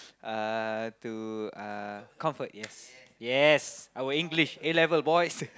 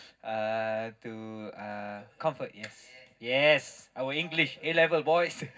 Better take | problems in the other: first | room echo; dies away in 0.4 s

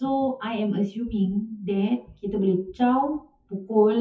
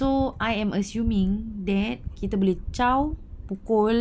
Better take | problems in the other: second | noise reduction (classical method WPE with log-MMSE)

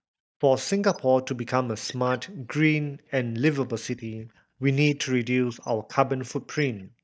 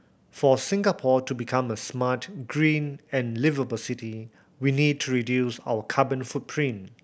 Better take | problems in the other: second | noise reduction (neural mask model DeepFilterNet 3)

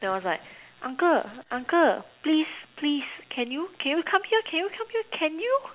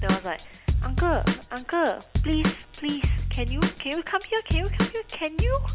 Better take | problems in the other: first | background sound (Drum / Drum kit); 3 dB above the speech

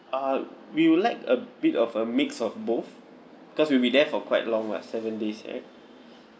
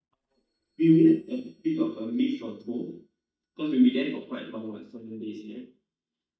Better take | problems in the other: first | noise reduction (neural mask model DeepFilterNet 3)

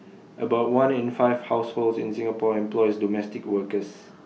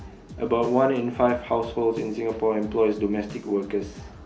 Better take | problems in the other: first | background sound (Drum kit); 19 dB below the speech

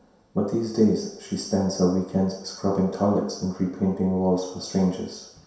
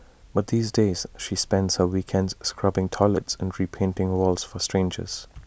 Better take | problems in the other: second | room echo; dies away in 0.7 s

